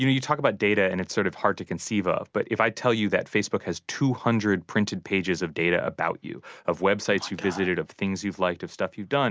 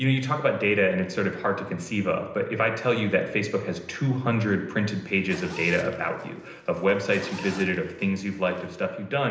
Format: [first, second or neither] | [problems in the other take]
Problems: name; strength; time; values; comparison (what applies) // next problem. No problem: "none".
first | background sound (Zipper (clothing)); 20 dB below the speech // room echo; dies away in 0.9 s